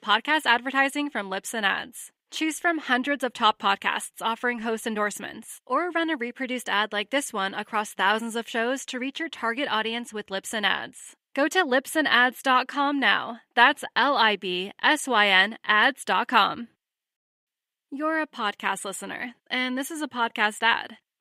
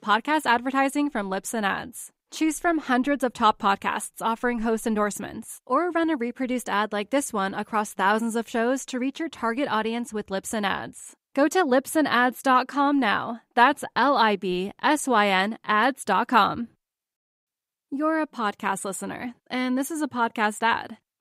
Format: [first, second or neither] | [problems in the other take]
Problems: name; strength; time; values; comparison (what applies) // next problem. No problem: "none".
second | thin; very slightly; fading below 500 Hz